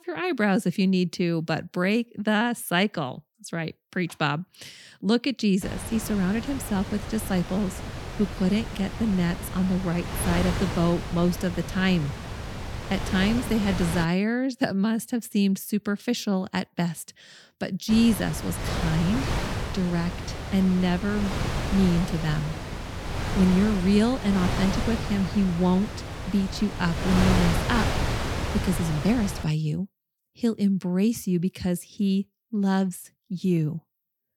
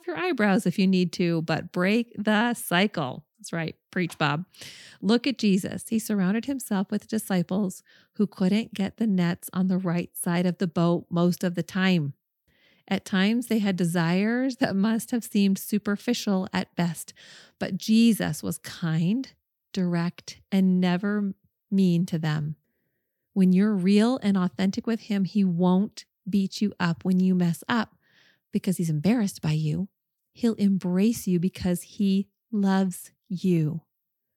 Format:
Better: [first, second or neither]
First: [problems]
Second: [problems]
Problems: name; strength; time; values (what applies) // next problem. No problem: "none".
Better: second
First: wind noise on the microphone; heavy; from 5.5 to 14 s and from 18 to 29 s; 4 dB below the speech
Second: none